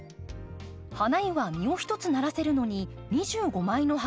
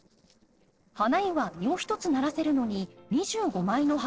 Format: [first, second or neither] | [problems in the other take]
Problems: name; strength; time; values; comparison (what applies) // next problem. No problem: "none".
first | noise reduction (neural separator model SepFormer DNS4)